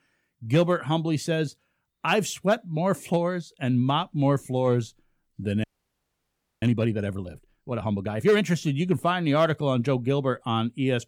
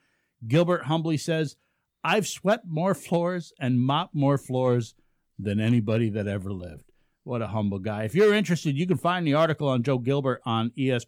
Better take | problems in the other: second | audio freezing; at 5.5 s for 1 s

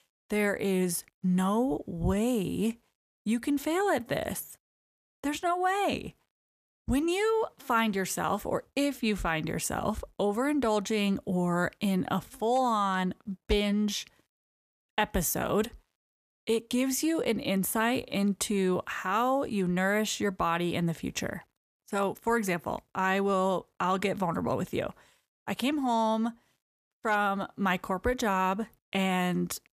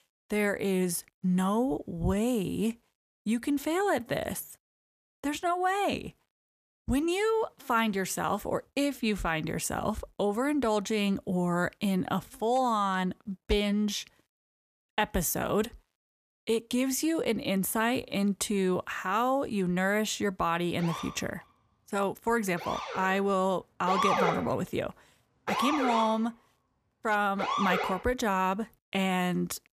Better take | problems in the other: first | siren; loud; from 21 to 28 s; peak 3 dB above the speech

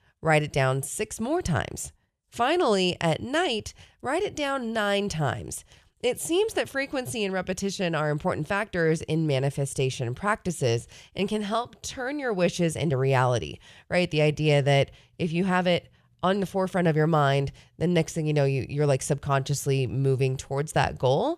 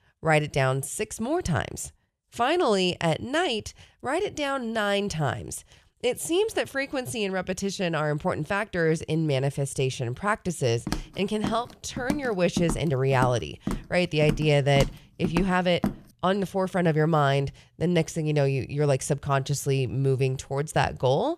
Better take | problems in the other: first | footsteps; noticeable; from 11 to 16 s; peak 6 dB below the speech

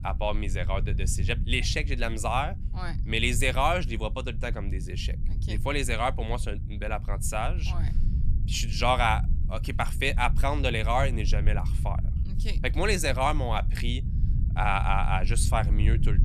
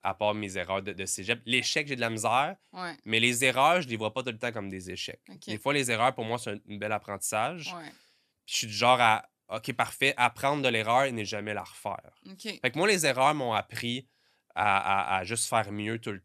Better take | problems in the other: second | low rumble; noticeable; throughout; 15 dB below the speech

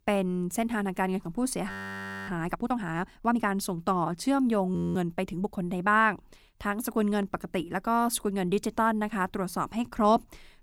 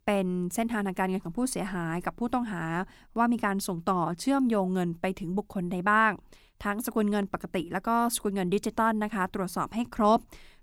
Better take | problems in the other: second | audio freezing; at 1.5 s for 0.5 s and at 5 s

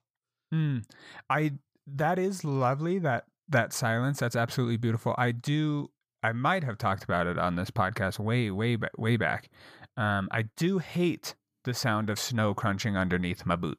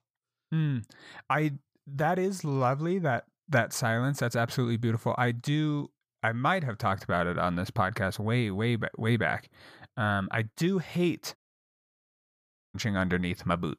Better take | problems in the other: first | audio cutting out; at 11 s for 1.5 s

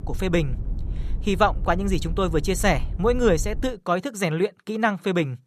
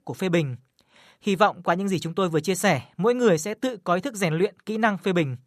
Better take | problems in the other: second | low rumble; faint; until 3.5 s; 25 dB below the speech

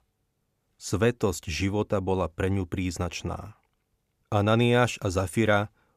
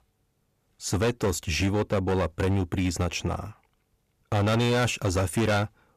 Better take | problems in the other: first | distortion; heavy; 13% of the sound clipped

